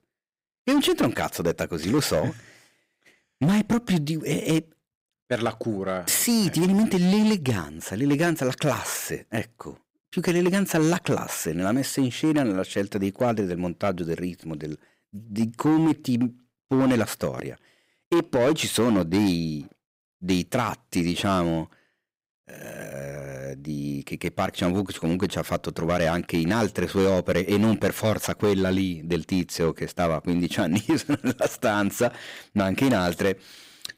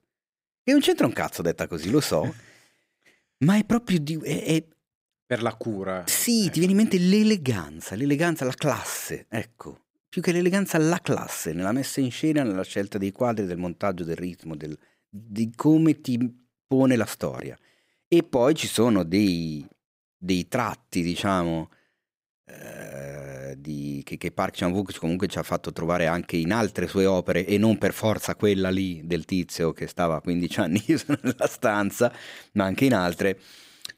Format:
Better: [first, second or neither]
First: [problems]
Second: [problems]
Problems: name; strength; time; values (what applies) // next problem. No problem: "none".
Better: second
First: distortion; slight; 6% of the sound clipped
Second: none